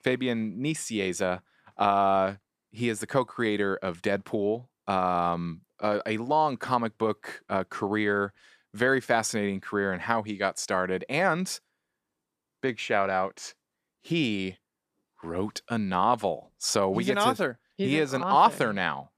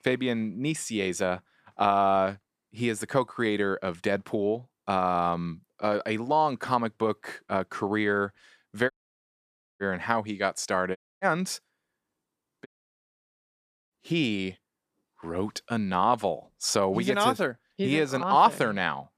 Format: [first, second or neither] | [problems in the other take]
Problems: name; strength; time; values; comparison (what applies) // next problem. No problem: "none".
first | audio cutting out; at 9 s for 1 s, at 11 s and at 13 s for 1 s